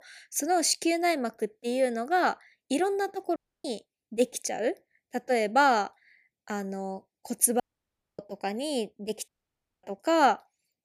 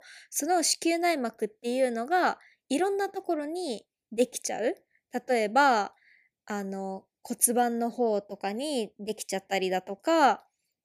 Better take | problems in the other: second | audio cutting out; at 3.5 s, at 7.5 s for 0.5 s and at 9.5 s for 0.5 s

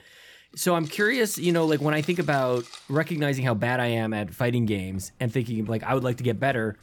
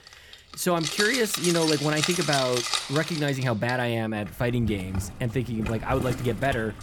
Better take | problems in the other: first | household noises; loud; throughout; 3 dB below the speech; faint in the first

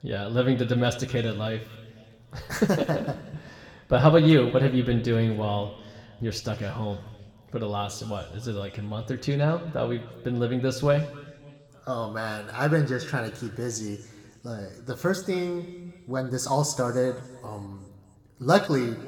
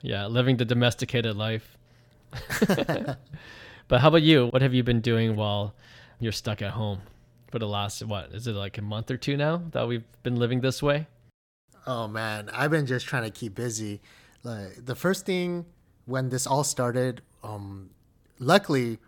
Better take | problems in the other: second | room echo; slight; dies away in 1.5 s

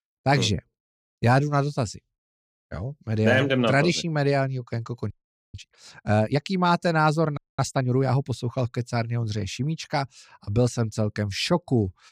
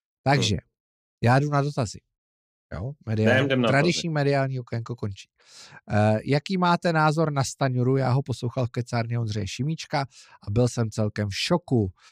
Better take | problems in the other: second | audio freezing; at 5 s and at 7.5 s

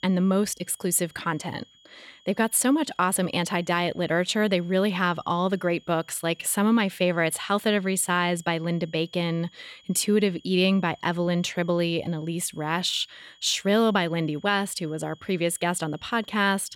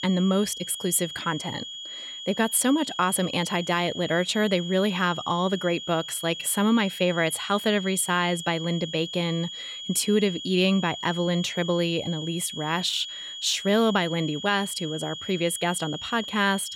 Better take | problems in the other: first | high-pitched whine; loud; throughout; 3.5 kHz, 9 dB below the speech; faint in the first

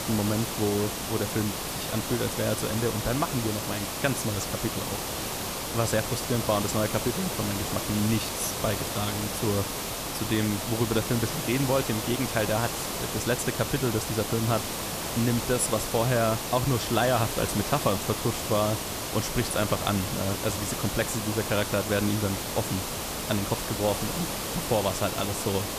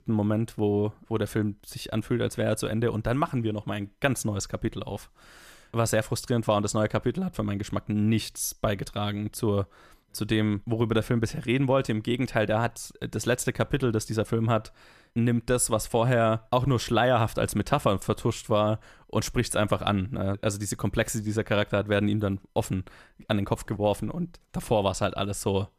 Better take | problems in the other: second | hiss; loud; throughout; 2 dB below the speech

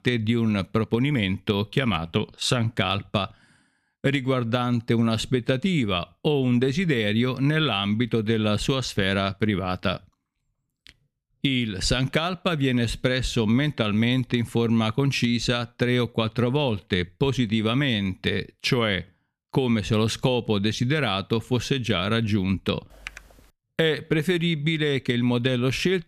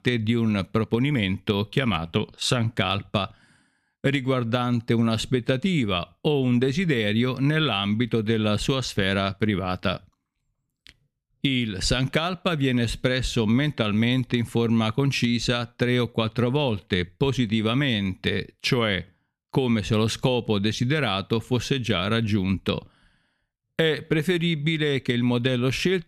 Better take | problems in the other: second | keyboard typing; faint; at 23 s; peak 15 dB below the speech

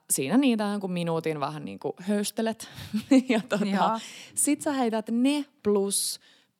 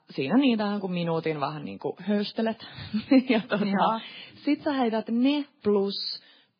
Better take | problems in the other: first | garbled, watery; badly; nothing above 4.5 kHz

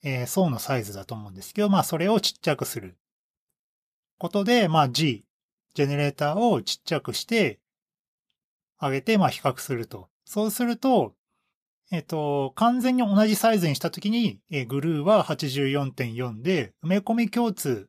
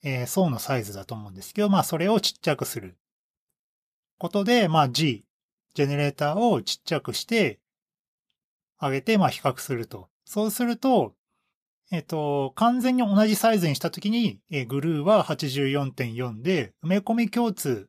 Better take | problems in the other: neither | none

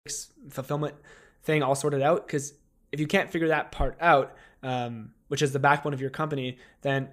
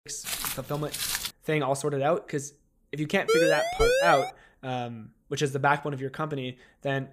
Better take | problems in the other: first | footsteps; loud; until 1.5 s; peak level with the speech // siren; loud; from 3.5 to 4.5 s; peak 6 dB above the speech

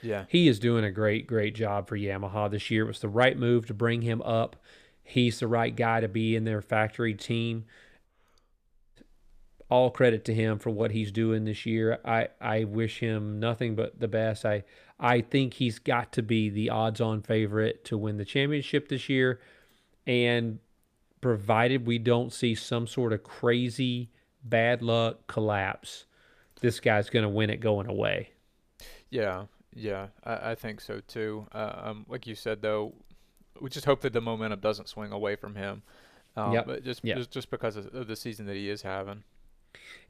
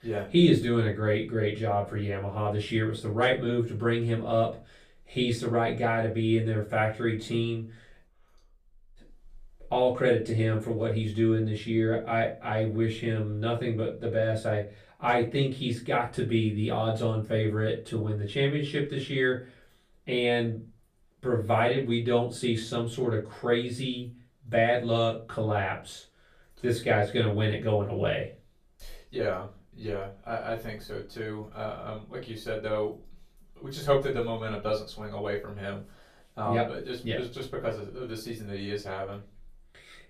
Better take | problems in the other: first | off-mic speech; far // room echo; slight; dies away in 0.2 s

